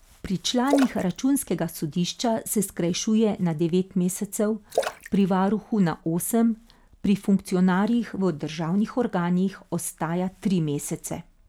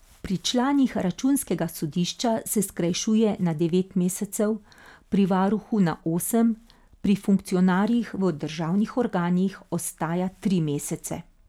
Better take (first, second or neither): second